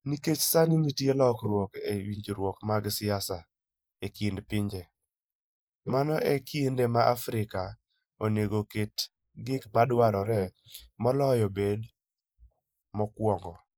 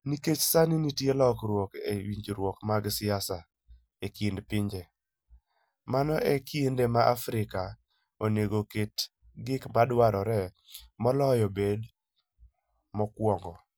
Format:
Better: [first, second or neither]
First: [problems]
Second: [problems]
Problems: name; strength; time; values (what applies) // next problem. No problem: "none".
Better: second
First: noise reduction (neural mask model Resemble Enhance denoiser)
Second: none